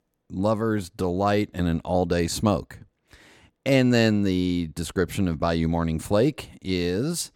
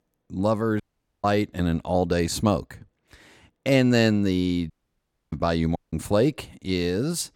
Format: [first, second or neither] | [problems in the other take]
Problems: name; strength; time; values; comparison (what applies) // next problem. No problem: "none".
first | audio cutting out; at 1 s, at 4.5 s for 0.5 s and at 6 s